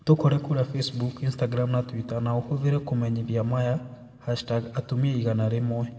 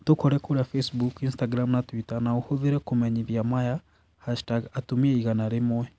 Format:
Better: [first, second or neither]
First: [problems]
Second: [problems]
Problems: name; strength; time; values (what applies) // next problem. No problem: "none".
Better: second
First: room echo; dies away in 1.4 s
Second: none